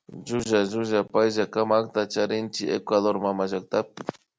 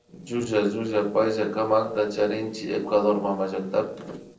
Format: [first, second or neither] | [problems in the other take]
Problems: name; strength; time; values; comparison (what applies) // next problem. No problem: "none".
first | noise reduction (neural separator model SepFormer DNS4)